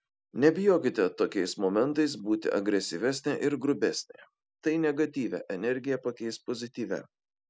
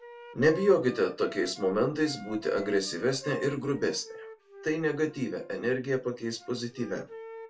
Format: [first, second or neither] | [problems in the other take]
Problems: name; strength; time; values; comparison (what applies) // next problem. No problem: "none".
first | background sound (Wind instrument, woodwind instrument); 17 dB below the speech // room echo; dies away in 0.2 s